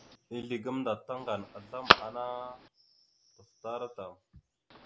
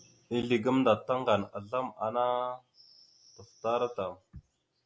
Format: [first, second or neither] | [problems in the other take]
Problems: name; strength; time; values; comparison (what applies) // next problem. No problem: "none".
second | background sound (Telephone); 5 dB above the speech